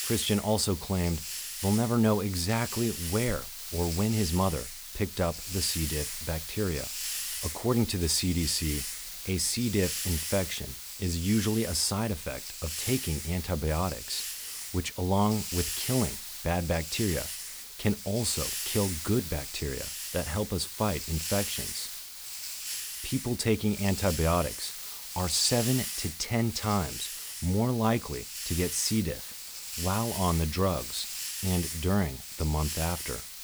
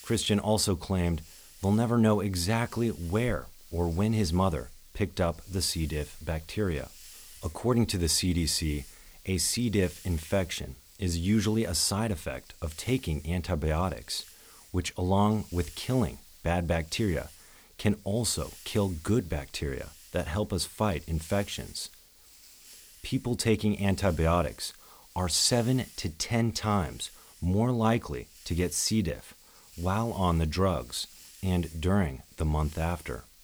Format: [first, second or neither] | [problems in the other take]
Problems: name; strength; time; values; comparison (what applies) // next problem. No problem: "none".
second | hiss; loud; throughout; 5 dB below the speech; faint in the second